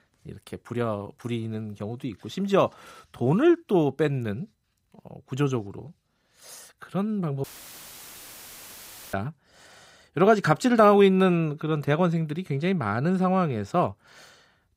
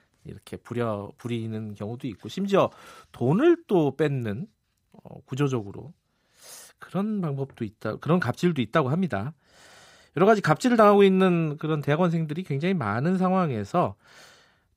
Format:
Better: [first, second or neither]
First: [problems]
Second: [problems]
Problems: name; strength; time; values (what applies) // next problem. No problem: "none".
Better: second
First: audio cutting out; filled with static; at 7.5 s for 1.5 s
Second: none